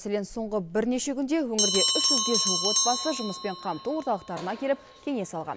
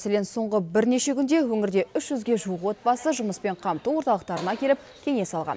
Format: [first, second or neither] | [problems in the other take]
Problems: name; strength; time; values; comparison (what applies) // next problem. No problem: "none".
second | background sound (Bell); 1 dB below the speech